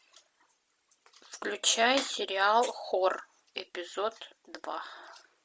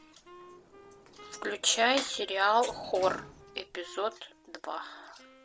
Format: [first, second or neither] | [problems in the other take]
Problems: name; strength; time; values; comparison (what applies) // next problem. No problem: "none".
first | background sound (Sliding door + Wind instrument, woodwind instrument); 18 dB below the speech